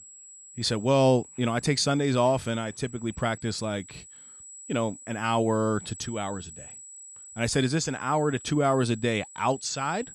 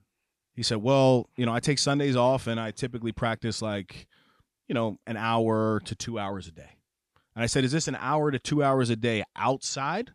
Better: second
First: high-pitched whine; noticeable; throughout; 8 kHz, 15 dB below the speech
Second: none

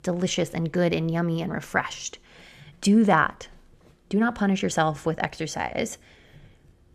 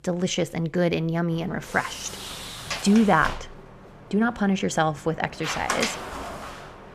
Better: first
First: none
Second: door banging; noticeable; from 1.5 s on; peak 2 dB below the speech

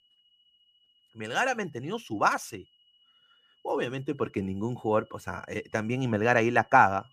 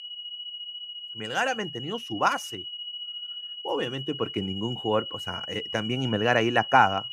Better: first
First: high-pitched whine; faint; throughout; 3 kHz, 35 dB below the speech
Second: high-pitched whine; loud; throughout; 3 kHz, 8 dB below the speech

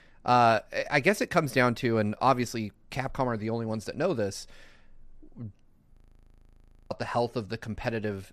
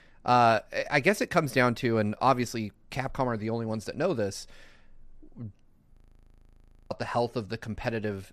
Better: neither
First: audio freezing; at 6 s for 1 s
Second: audio freezing; at 6 s for 1 s

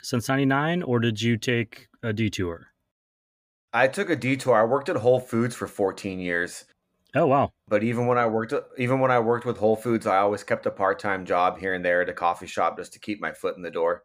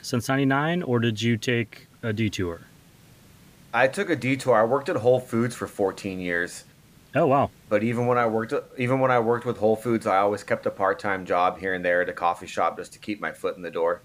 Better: first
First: none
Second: hiss; faint; throughout; 30 dB below the speech

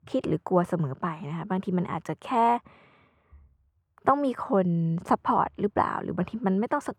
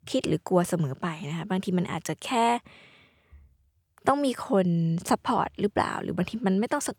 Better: second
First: muffled; very; fading above 2.5 kHz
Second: none

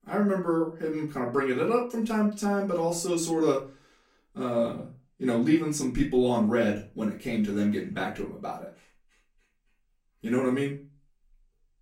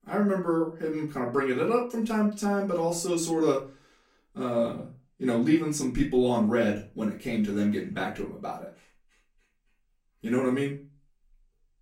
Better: neither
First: off-mic speech; far // room echo; slight; dies away in 0.3 s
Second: off-mic speech; far // room echo; slight; dies away in 0.3 s

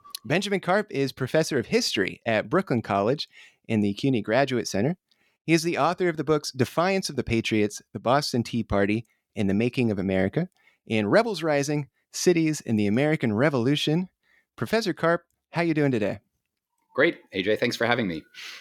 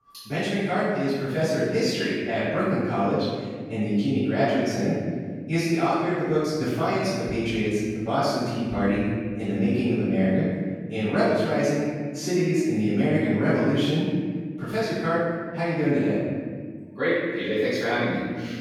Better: first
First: none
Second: room echo; strong; dies away in 1.9 s // off-mic speech; far

